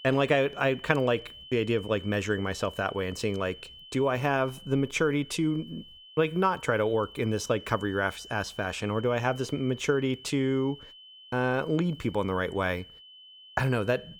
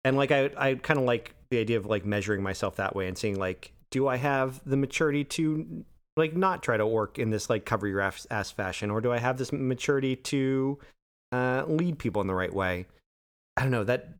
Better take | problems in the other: second | high-pitched whine; noticeable; throughout; 3 kHz, 20 dB below the speech

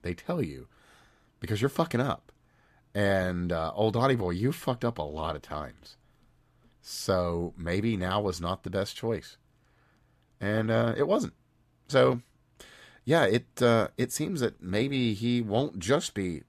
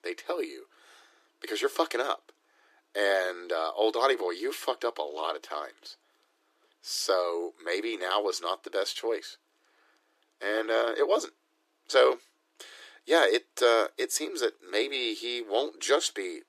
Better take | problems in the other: first | thin; very; fading below 300 Hz

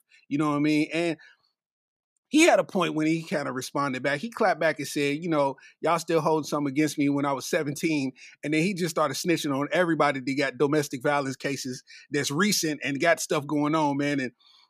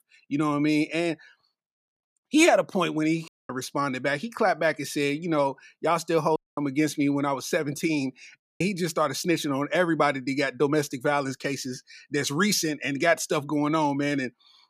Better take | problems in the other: first | audio cutting out; at 3.5 s, at 6.5 s and at 8.5 s

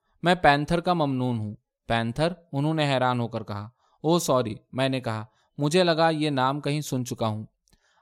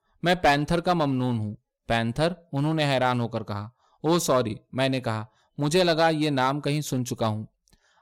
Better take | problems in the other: first | distortion; slight; 4% of the sound clipped

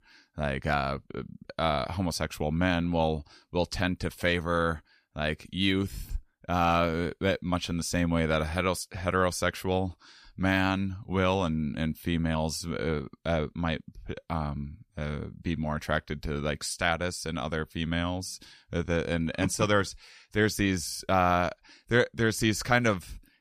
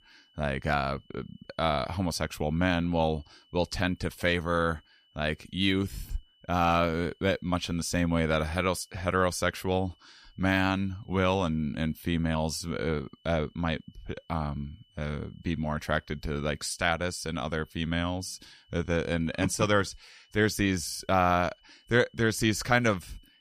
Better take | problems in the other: first | high-pitched whine; faint; throughout; 3 kHz, 35 dB below the speech

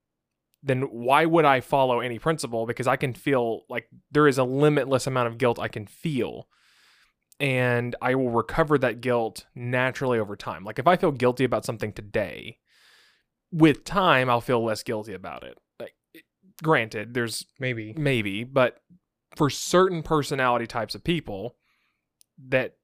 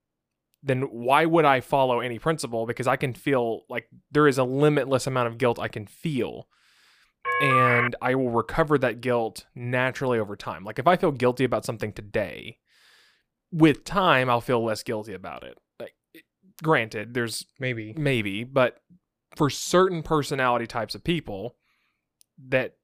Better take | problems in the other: first | phone ringing; loud; at 7.5 s; peak 4 dB above the speech

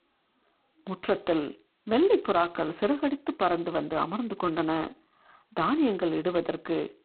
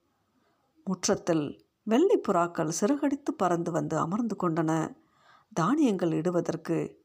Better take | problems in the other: second | phone-call audio; poor line; nothing above 4 kHz

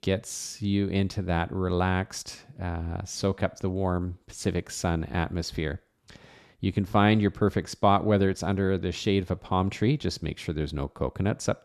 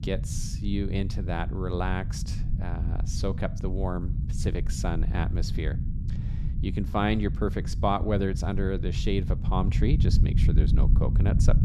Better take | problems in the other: first | low rumble; loud; throughout; 10 dB below the speech

